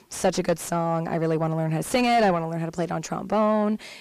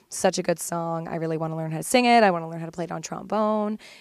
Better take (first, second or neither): second